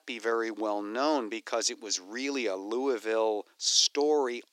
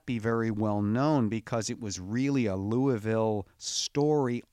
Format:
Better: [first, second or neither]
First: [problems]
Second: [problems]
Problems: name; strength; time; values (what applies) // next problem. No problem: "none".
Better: second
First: thin; somewhat; fading below 300 Hz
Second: none